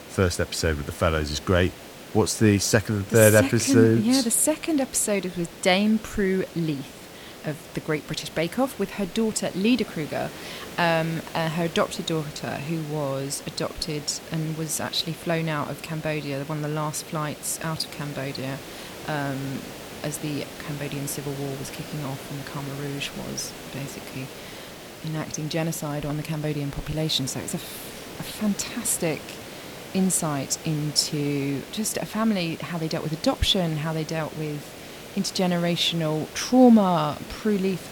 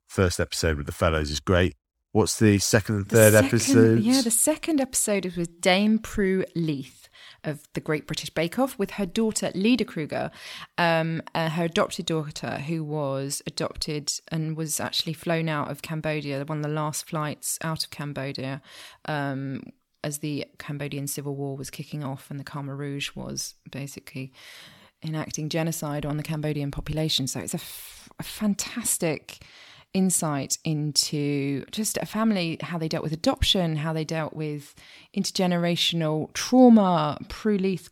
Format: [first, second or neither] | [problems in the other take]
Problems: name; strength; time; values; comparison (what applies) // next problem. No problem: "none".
second | hiss; noticeable; throughout; 15 dB below the speech